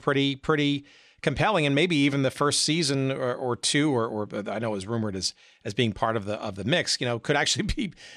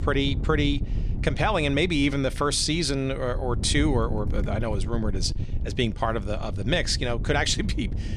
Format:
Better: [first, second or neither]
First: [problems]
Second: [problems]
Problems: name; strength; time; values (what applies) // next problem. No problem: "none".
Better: first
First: none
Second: wind noise on the microphone; occasional gusts; 15 dB below the speech